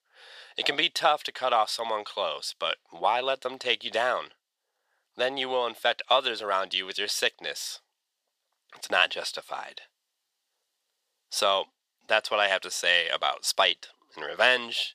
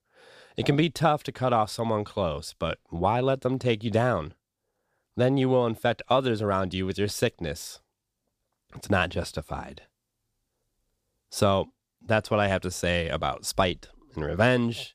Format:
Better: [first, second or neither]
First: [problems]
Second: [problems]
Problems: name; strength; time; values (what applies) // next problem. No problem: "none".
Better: second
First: thin; very; fading below 750 Hz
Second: none